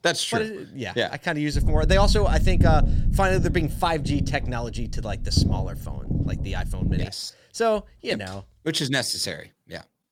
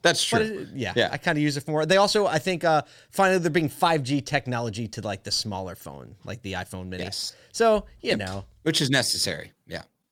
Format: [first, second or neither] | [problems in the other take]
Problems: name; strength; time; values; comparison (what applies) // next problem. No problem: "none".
second | low rumble; noticeable; from 1.5 to 7 s; 10 dB below the speech